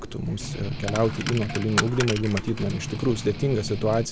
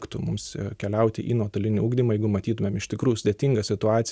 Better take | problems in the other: second | background sound (Strum + Coin (dropping)); 6 dB below the speech

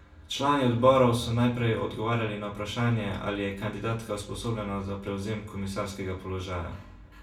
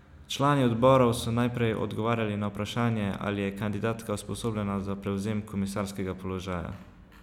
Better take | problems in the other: second | room echo; dies away in 0.3 s

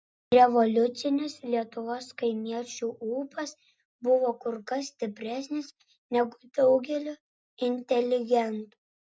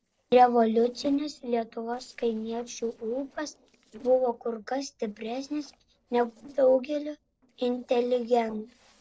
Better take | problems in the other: first | noise reduction (neural separator model SepFormer DNS4)

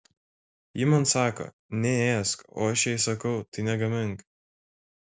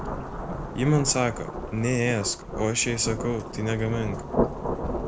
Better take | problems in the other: first | background sound (Rain / Thunderstorm); 4 dB below the speech

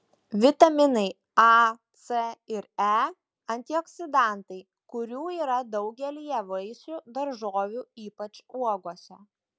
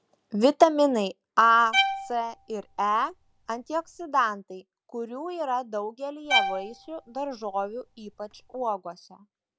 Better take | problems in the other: first | background sound (Bowed string instrument); 5 dB below the speech

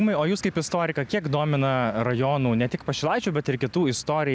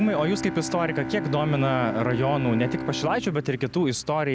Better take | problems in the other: first | background sound (Bowed string instrument); 8 dB below the speech

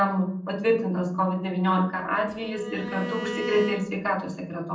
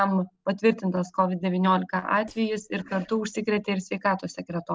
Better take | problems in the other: second | background sound (Bowed string instrument); 10 dB below the speech // room echo; dies away in 0.6 s

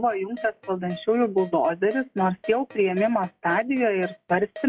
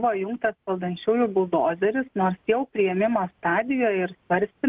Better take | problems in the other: second | noise reduction (classical method log-MMSE)

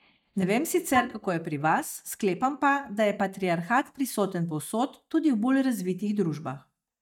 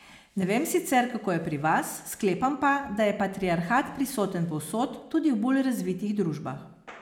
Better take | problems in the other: second | noise reduction (neural mask model DeepFilterNet 3)

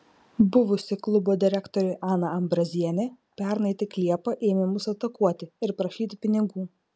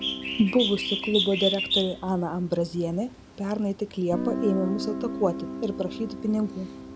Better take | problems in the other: first | background sound (Bird + Guitar); 5 dB below the speech

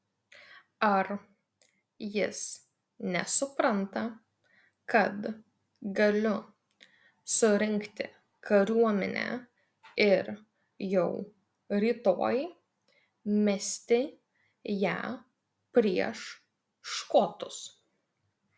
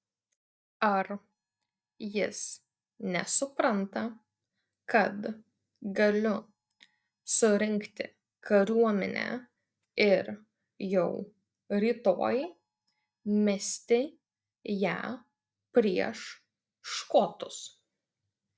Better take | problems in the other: first | noise reduction (neural mask model DeepFilterNet 3)

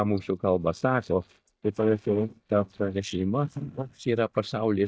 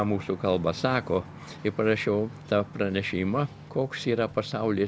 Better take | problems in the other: second | noise reduction (neural mask model DeepFilterNet 3)

